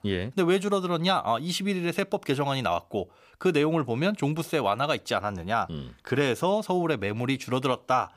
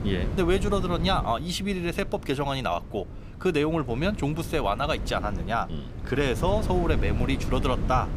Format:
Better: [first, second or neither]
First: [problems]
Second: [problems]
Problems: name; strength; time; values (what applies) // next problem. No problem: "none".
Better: first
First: none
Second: wind noise on the microphone; occasional gusts; 15 dB below the speech